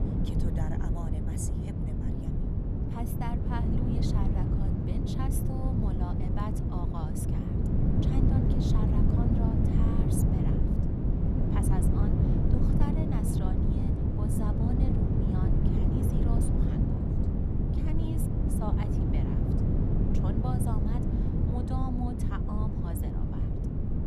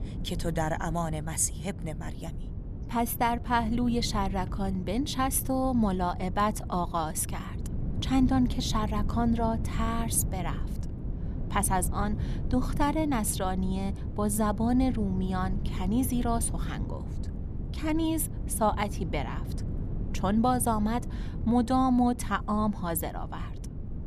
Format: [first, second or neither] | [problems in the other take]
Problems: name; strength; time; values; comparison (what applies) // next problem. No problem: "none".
second | wind noise on the microphone; heavy; 5 dB above the speech; occasional gusts in the second